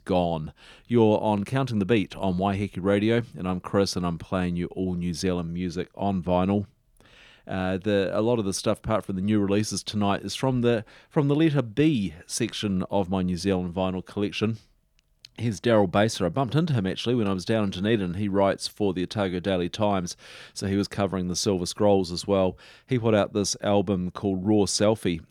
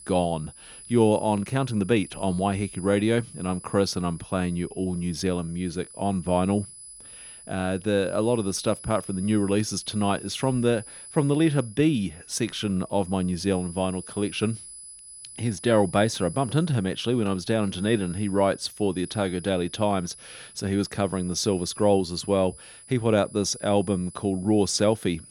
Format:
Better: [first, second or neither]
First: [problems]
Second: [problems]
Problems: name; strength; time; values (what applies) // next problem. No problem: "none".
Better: first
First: none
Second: high-pitched whine; noticeable; throughout; 10 kHz, 15 dB below the speech